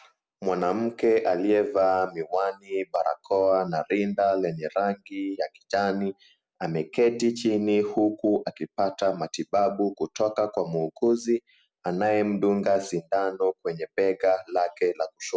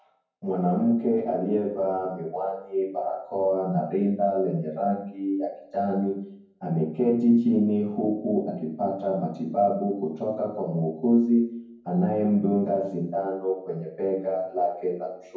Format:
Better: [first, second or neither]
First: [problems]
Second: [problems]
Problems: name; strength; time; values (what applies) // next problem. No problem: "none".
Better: first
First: none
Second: room echo; dies away in 0.9 s